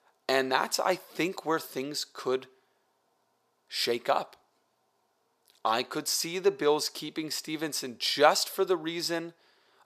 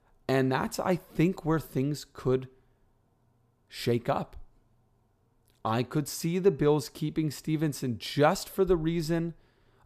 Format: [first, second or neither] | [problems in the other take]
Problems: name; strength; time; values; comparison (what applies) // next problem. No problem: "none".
second | thin; somewhat; fading below 500 Hz